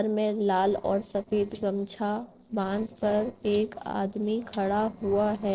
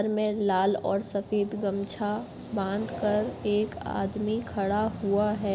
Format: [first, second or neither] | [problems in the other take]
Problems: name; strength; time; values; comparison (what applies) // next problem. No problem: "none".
second | noise reduction (neural separator model SepFormer DNS4)